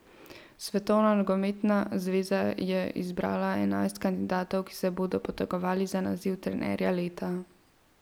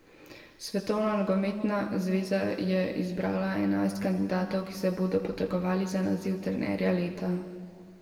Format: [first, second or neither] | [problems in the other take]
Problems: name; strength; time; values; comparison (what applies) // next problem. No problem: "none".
first | room echo; dies away in 1.8 s